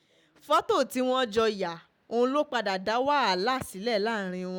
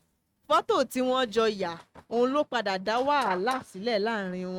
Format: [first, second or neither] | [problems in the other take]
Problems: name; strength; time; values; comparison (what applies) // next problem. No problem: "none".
first | noise reduction (neural mask model RNNoise)